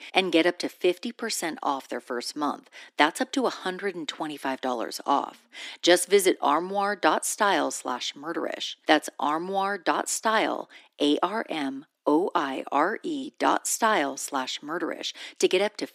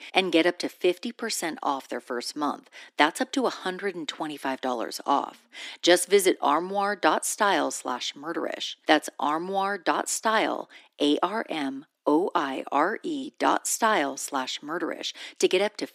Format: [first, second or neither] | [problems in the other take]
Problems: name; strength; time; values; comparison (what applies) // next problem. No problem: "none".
neither | thin; very; fading below 300 Hz; the same in both